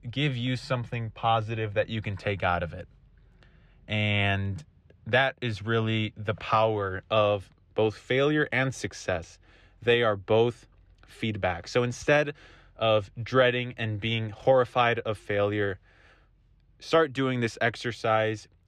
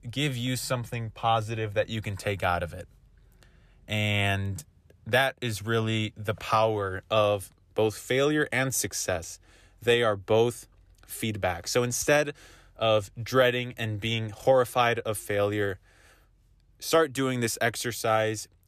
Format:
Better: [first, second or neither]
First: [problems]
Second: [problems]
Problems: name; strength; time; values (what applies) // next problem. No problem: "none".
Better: second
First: muffled; slightly; fading above 3 kHz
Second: none